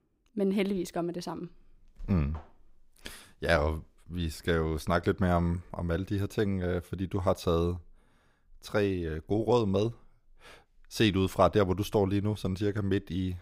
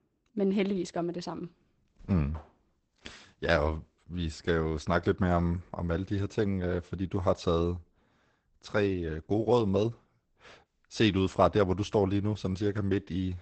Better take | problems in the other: first | garbled, watery; badly; nothing above 8 kHz

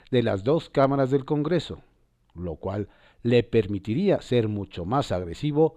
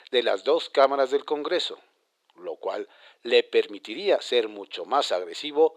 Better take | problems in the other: first | thin; very; fading below 400 Hz

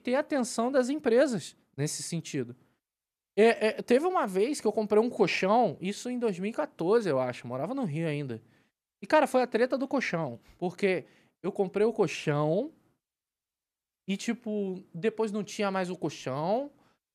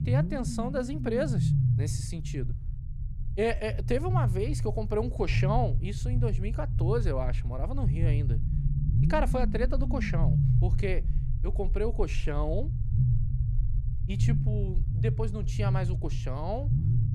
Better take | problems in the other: first | low rumble; loud; throughout; 8 dB below the speech

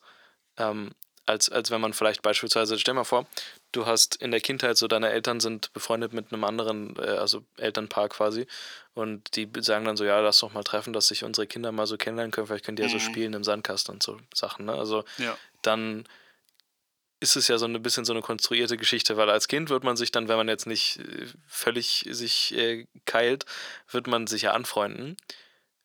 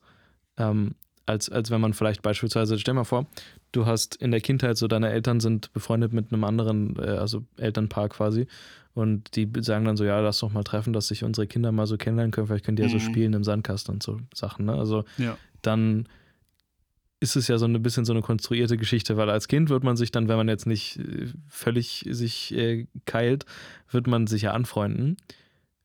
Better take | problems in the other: second | thin; very; fading below 500 Hz

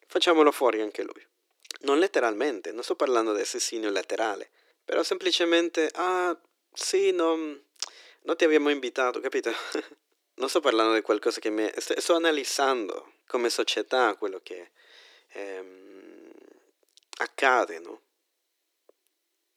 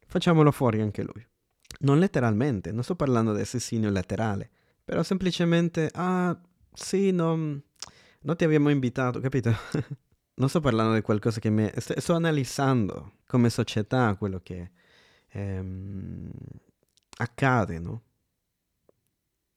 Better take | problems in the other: second | thin; very; fading below 300 Hz

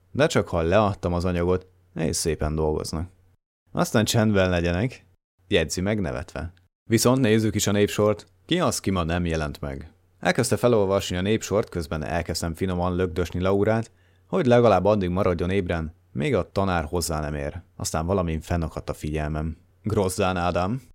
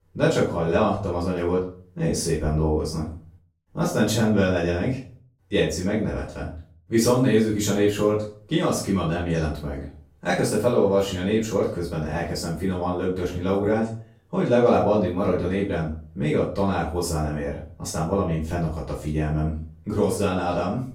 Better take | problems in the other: first | room echo; noticeable; dies away in 0.4 s // off-mic speech; far

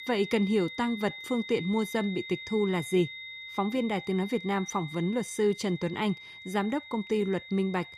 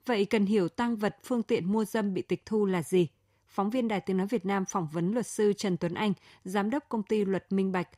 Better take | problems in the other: second | high-pitched whine; noticeable; throughout; 2 kHz, 10 dB below the speech

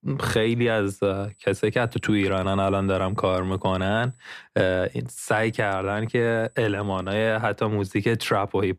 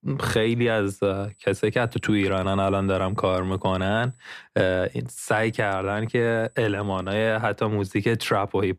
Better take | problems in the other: neither | high-pitched whine; faint; from 1 to 4 s and from 5 to 7.5 s; 8 kHz, 35 dB below the speech; the same in both

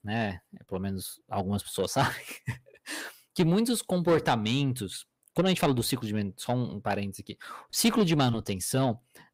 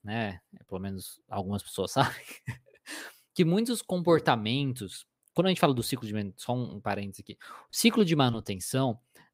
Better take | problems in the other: second | distortion; slight; 10 dB below the speech

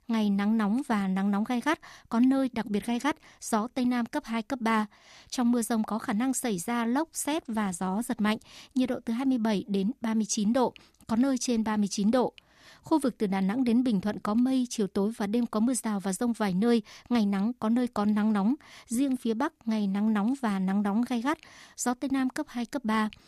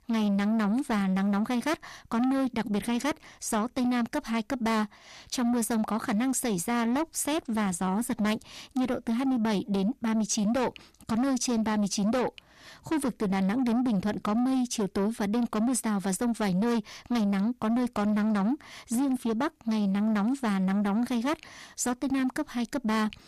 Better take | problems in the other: first | distortion; slight; 10 dB below the speech

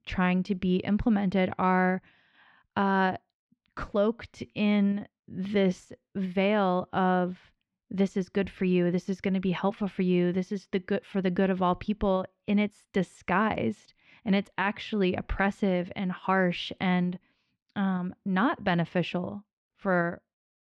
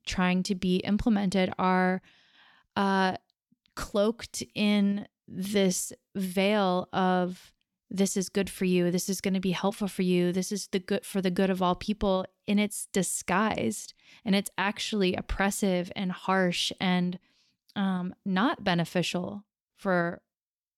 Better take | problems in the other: second | muffled; very; fading above 2 kHz

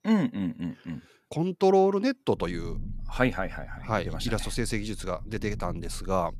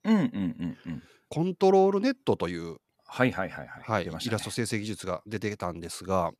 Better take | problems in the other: second | low rumble; faint; from 2.5 s on; 25 dB below the speech

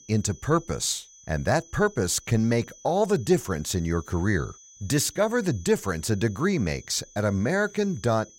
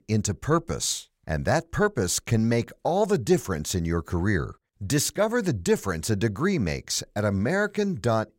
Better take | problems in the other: second | high-pitched whine; faint; throughout; 6 kHz, 25 dB below the speech

